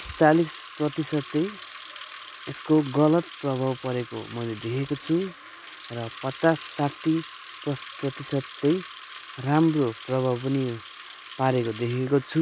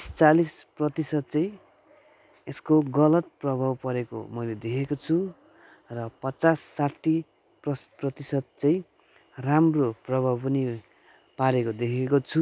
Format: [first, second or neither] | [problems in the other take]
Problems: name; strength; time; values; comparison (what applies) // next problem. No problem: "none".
second | background sound (Bicycle); 16 dB below the speech